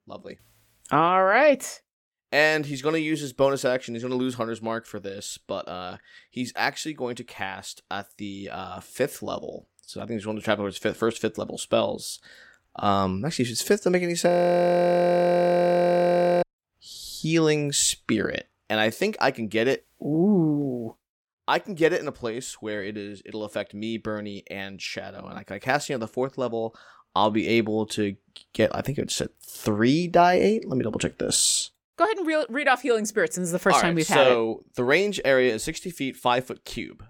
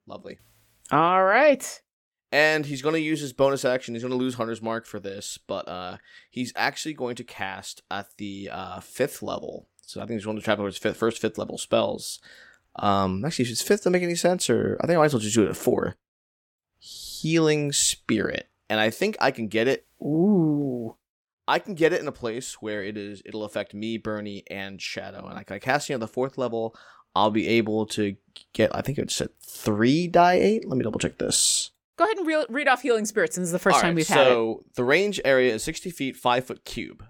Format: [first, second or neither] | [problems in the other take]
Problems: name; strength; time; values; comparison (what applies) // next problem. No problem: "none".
second | audio freezing; at 14 s for 2 s